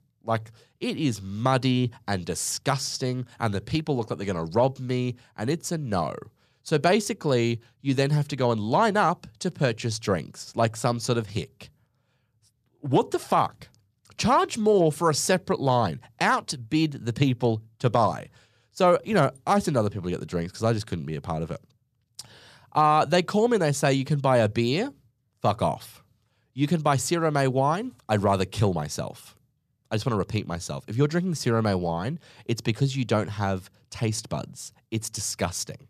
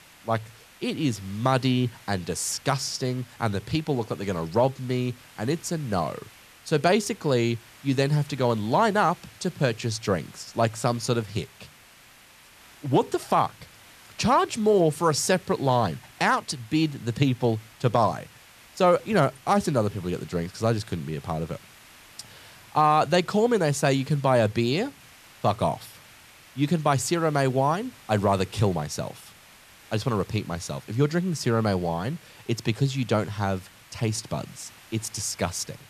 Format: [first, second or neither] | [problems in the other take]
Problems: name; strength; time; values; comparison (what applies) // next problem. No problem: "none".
first | hiss; faint; throughout; 25 dB below the speech